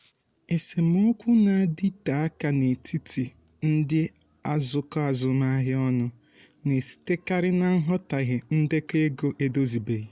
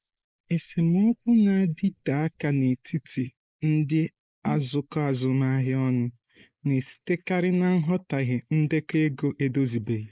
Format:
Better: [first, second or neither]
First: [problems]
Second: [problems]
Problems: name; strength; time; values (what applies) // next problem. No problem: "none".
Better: first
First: none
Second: noise reduction (neural mask model Resemble Enhance denoiser)